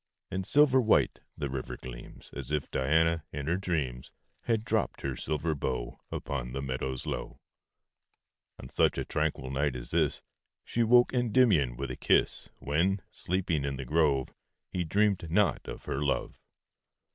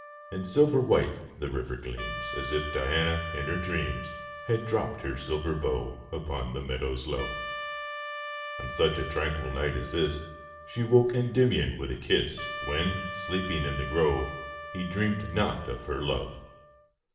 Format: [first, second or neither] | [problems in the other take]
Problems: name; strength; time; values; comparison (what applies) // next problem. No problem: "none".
first | background sound (Trumpet); 10 dB below the speech // room echo; dies away in 0.9 s